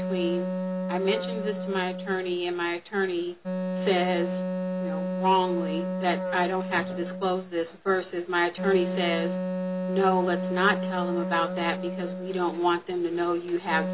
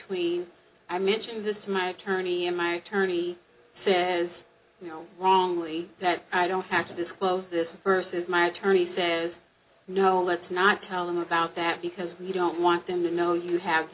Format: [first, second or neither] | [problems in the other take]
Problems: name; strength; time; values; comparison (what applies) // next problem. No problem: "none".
second | background sound (Wind instrument, woodwind instrument); 3 dB below the speech